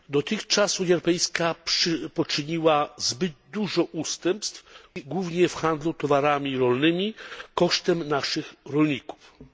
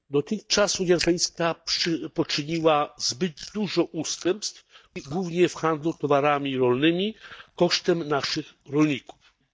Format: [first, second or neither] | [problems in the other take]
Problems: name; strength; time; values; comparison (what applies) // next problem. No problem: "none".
first | noise reduction (neural mask model DeepFilterNet 3)